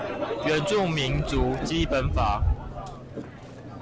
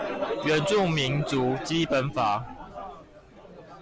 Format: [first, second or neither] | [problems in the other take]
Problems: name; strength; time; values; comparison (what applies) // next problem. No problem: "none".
second | background sound (Microwave oven); 3 dB below the speech